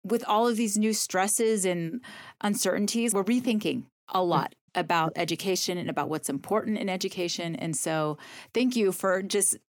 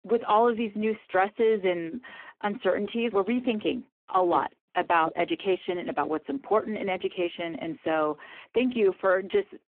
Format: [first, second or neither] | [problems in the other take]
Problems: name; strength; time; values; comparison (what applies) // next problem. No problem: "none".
first | phone-call audio; poor line